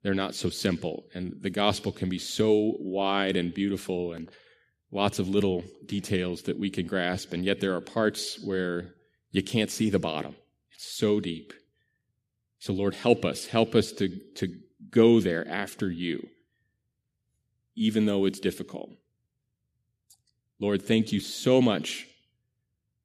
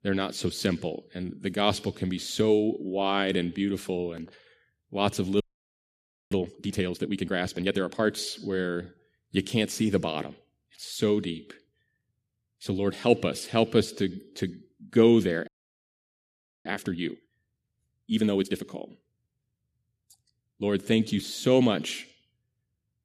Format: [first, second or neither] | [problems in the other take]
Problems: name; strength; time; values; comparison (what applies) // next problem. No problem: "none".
first | audio freezing; at 5.5 s for 1 s and at 15 s for 1 s